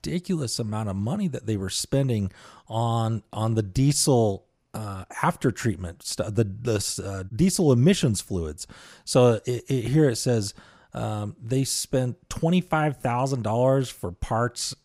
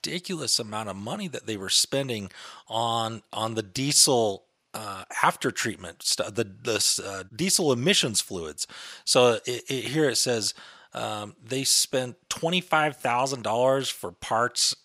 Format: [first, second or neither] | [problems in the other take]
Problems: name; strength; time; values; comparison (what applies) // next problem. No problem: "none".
first | thin; somewhat; fading below 800 Hz